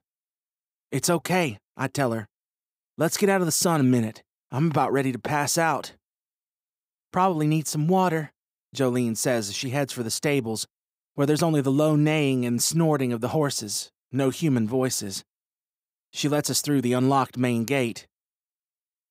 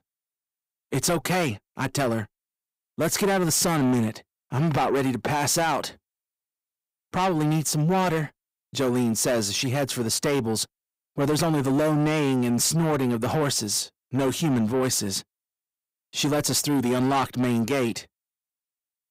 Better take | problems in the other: first | distortion; heavy; 7 dB below the speech

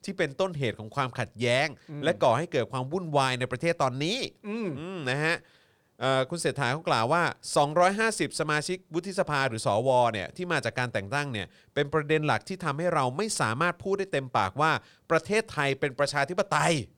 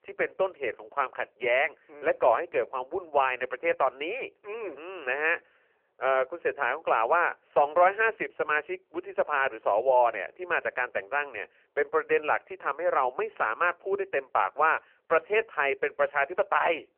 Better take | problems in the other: first | phone-call audio; poor line; nothing above 3 kHz

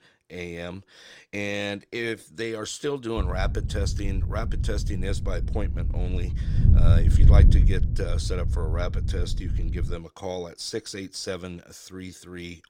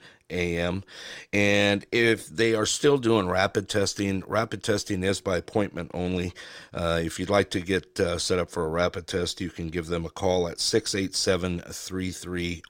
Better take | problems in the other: second | wind noise on the microphone; heavy; from 3 to 10 s; 7 dB below the speech

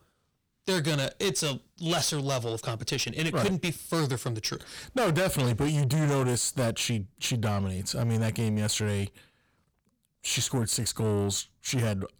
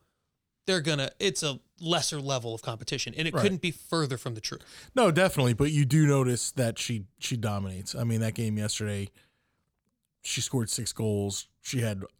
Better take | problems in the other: second | distortion; heavy; 7 dB below the speech

